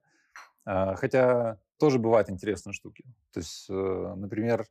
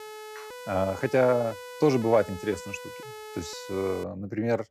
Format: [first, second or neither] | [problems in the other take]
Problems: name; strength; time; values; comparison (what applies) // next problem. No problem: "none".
first | siren; faint; until 4 s; peak 15 dB below the speech